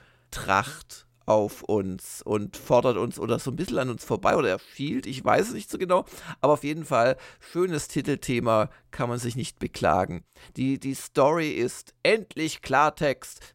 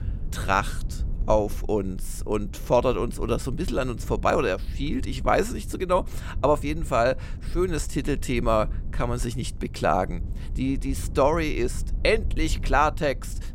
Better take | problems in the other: first | low rumble; faint; throughout; 25 dB below the speech

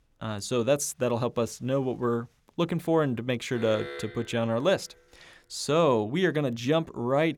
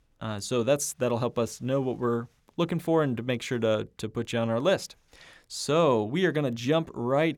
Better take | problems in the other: second | alarm; faint; from 3.5 to 5 s; peak 10 dB below the speech

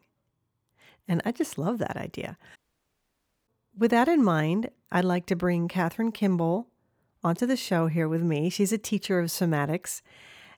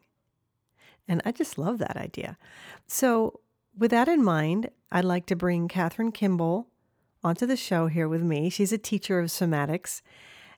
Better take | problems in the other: second | audio cutting out; at 2.5 s for 1 s

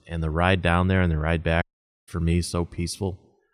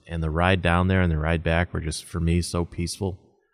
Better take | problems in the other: second | audio cutting out; at 1.5 s

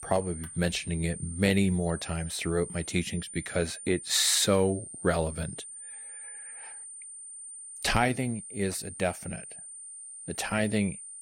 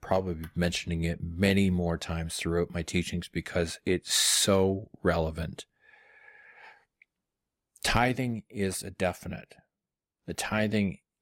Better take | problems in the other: second | high-pitched whine; noticeable; throughout; 9 kHz, 10 dB below the speech

